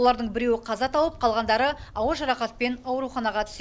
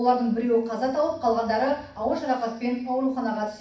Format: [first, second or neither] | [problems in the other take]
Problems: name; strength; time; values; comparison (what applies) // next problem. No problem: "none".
first | room echo; dies away in 0.6 s